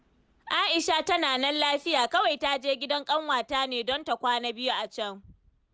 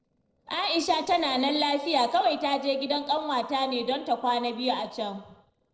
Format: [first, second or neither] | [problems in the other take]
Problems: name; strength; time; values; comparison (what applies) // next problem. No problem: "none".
first | noise reduction (neural separator model SepFormer DNS4)